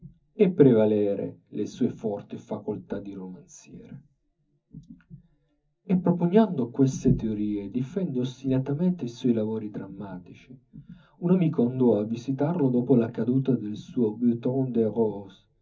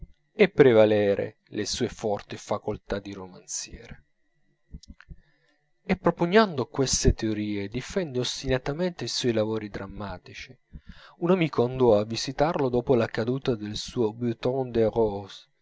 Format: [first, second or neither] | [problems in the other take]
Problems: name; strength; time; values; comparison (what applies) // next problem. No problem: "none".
second | room echo; dies away in 0.3 s